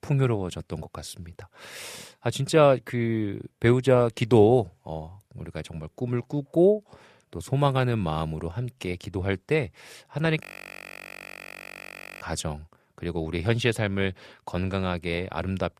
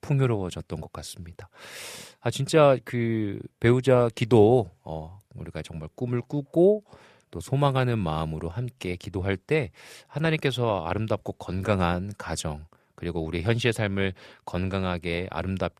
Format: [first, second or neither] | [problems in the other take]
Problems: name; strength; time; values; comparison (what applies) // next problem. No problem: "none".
second | audio freezing; at 10 s for 2 s